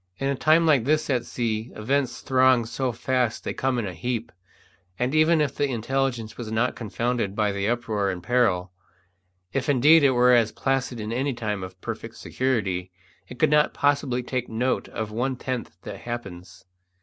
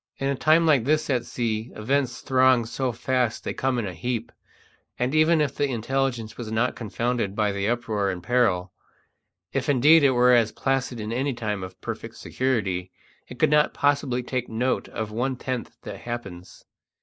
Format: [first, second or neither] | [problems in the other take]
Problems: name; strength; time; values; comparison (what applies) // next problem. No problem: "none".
first | noise reduction (neural mask model Resemble Enhance denoiser)